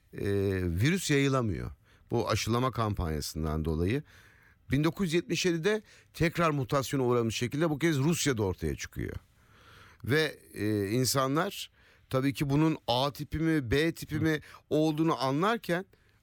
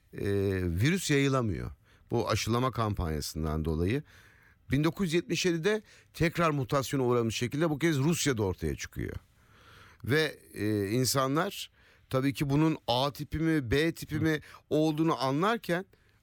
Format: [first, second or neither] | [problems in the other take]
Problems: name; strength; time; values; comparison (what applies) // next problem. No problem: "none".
neither | none